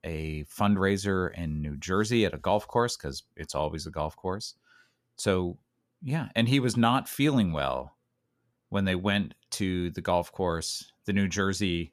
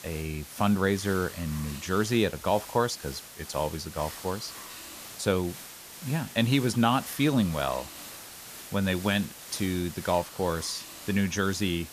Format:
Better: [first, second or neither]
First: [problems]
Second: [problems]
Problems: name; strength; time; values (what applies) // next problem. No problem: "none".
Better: first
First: none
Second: hiss; noticeable; throughout; 15 dB below the speech